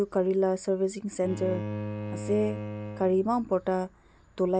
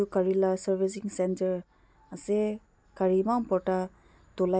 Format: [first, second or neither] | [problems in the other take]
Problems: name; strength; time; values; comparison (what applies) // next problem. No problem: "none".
second | background sound (Bowed string instrument); 9 dB below the speech